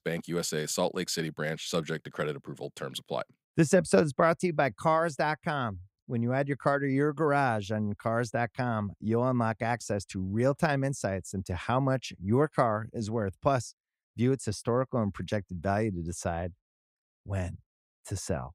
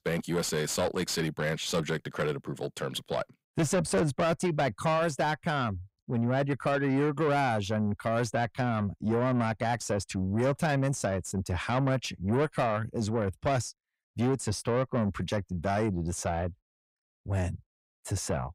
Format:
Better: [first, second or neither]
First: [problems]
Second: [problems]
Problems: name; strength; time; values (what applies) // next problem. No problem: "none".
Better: first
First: none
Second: distortion; heavy; 8 dB below the speech